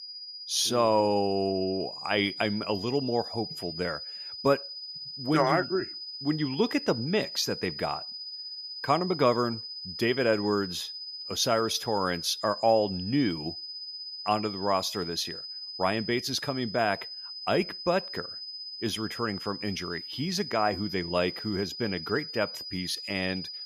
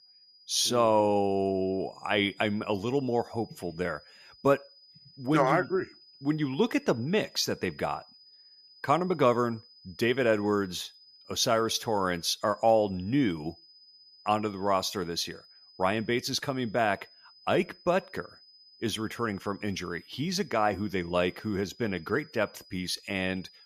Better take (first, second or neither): second